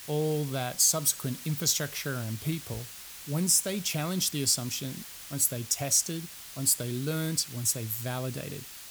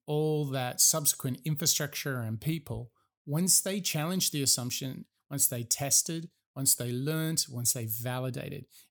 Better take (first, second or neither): second